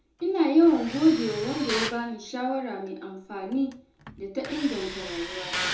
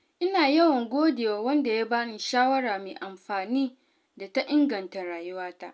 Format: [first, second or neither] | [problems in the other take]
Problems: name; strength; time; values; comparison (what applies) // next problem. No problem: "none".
second | background sound (Tools); 10 dB below the speech // room echo; dies away in 0.5 s